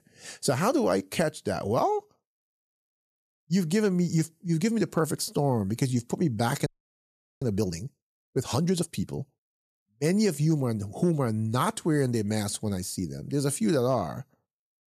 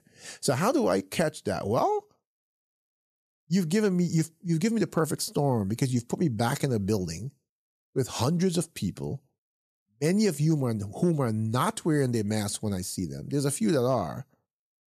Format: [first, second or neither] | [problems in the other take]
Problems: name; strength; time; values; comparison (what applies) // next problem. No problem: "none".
second | audio freezing; at 6.5 s for 1 s